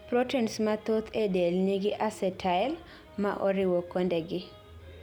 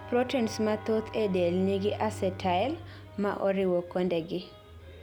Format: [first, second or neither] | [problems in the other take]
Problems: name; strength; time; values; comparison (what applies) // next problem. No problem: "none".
first | background sound (Bowed string instrument); 15 dB below the speech